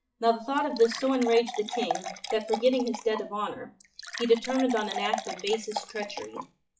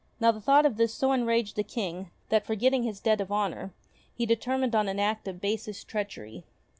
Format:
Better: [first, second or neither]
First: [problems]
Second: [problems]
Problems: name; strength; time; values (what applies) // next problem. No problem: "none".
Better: second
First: noise reduction (classical method WPE with log-MMSE)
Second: none